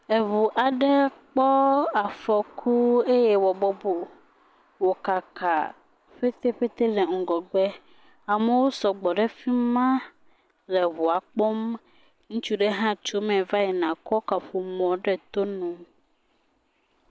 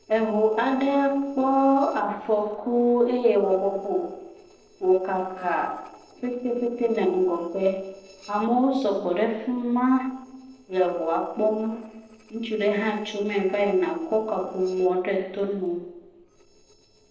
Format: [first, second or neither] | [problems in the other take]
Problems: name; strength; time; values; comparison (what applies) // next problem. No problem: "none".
first | noise reduction (neural separator model SepFormer DNS4)